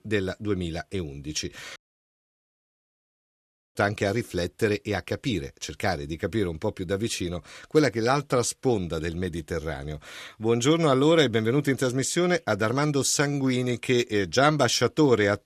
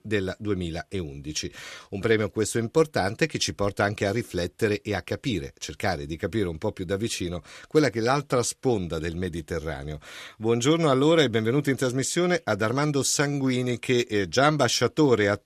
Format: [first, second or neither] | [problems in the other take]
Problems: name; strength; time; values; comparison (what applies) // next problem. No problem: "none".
second | audio cutting out; at 2 s for 2 s